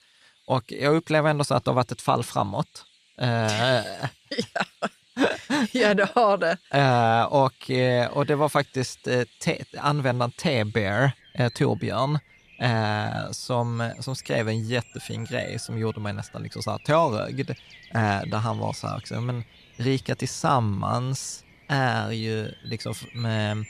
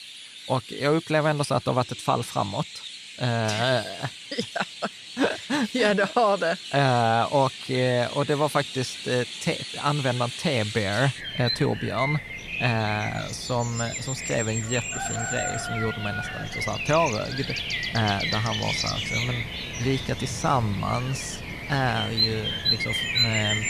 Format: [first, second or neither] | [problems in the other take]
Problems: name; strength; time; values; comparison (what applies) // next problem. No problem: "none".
first | animal sounds; loud; throughout; 4 dB below the speech; faint in the first